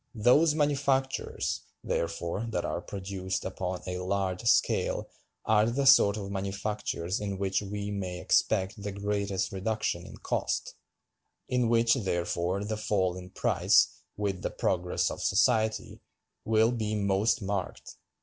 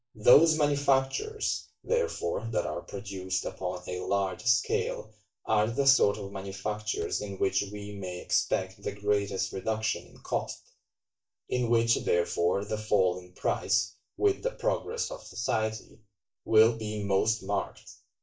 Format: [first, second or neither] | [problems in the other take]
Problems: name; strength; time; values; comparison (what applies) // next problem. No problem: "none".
first | noise reduction (neural mask model DeepFilterNet 3)